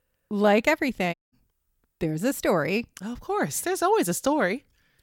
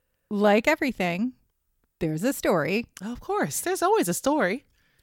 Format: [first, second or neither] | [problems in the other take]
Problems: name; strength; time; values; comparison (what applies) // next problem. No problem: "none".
second | audio cutting out; at 1 s